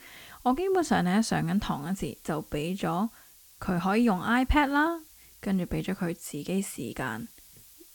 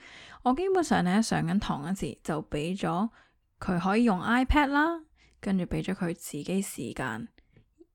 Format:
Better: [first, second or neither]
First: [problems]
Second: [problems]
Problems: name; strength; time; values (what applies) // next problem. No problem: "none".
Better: second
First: hiss; faint; throughout; 25 dB below the speech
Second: none